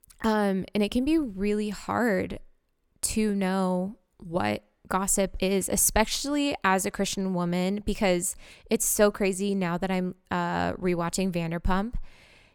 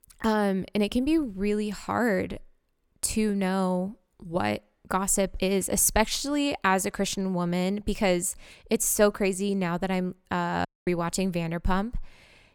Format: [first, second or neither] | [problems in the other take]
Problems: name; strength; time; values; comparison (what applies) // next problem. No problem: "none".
first | audio cutting out; at 11 s